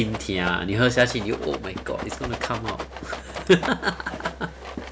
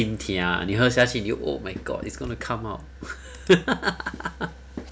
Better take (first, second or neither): second